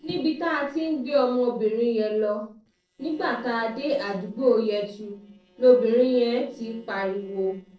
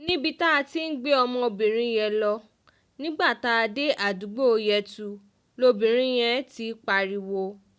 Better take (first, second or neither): second